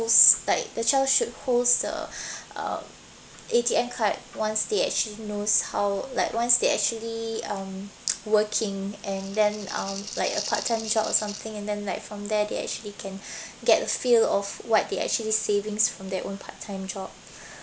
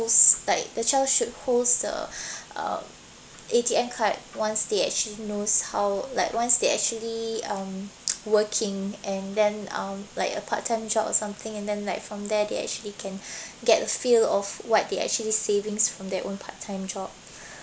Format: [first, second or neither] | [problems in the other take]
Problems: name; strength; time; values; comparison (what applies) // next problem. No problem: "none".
second | background sound (Rattle (instrument)); 10 dB below the speech